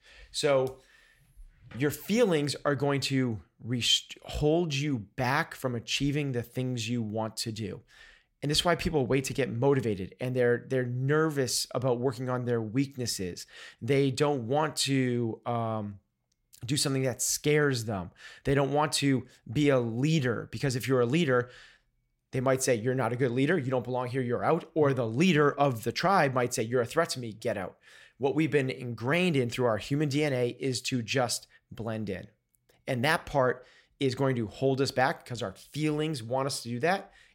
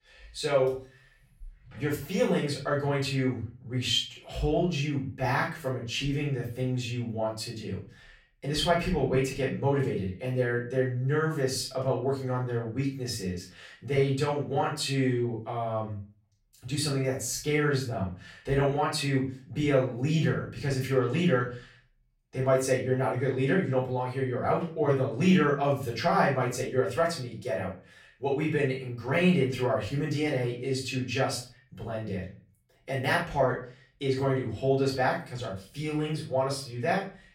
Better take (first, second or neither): first